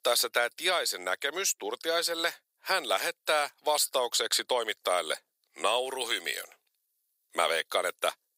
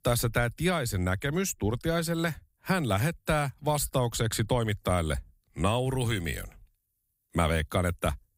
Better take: second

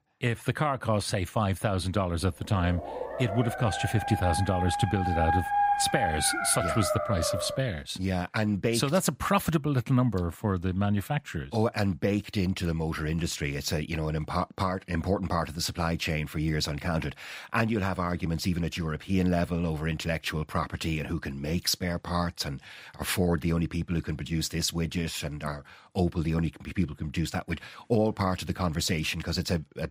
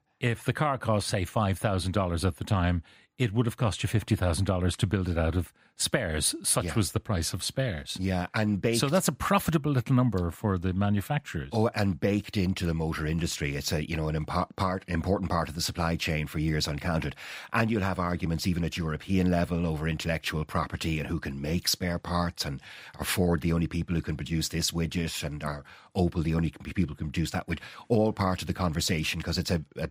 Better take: second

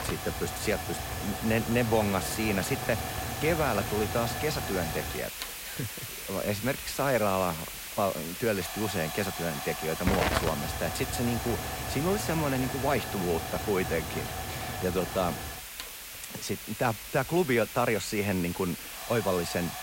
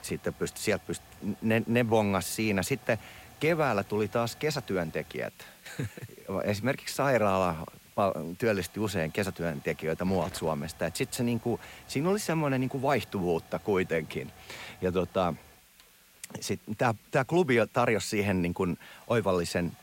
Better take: second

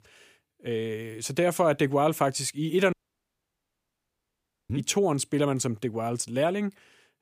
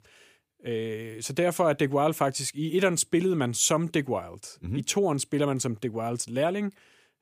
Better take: second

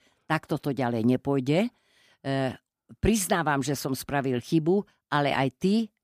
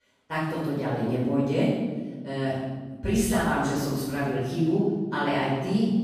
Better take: first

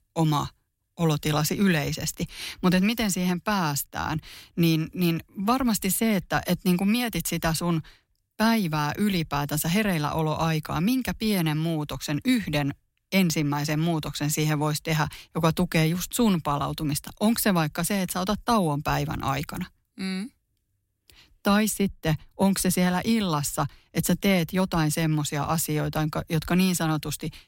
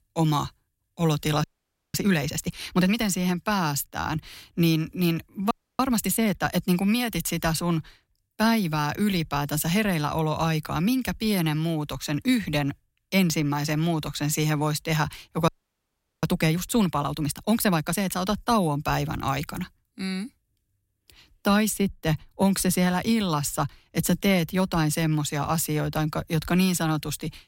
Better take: first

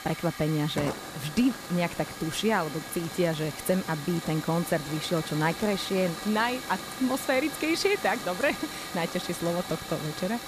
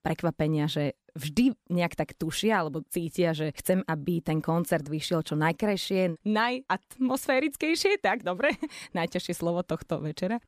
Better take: second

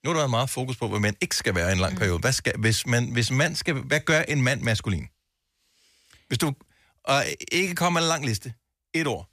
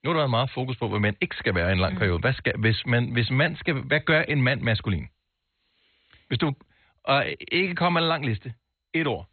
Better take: first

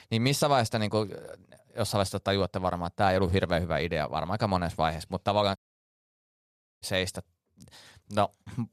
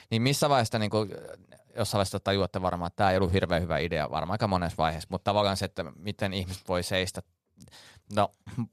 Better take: second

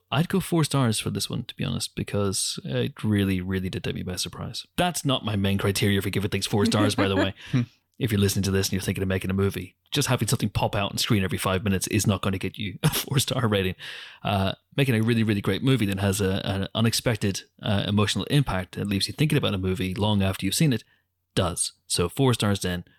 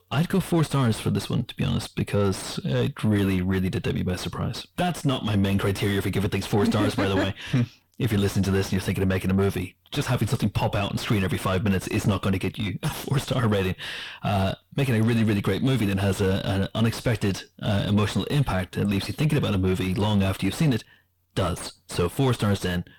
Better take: first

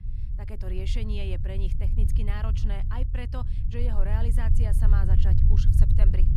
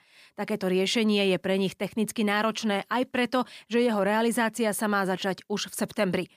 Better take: second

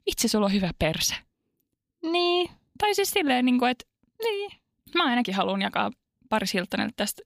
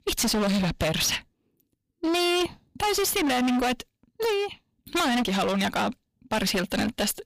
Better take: first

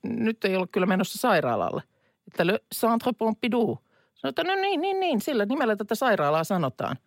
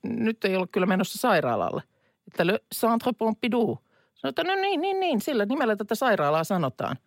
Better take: neither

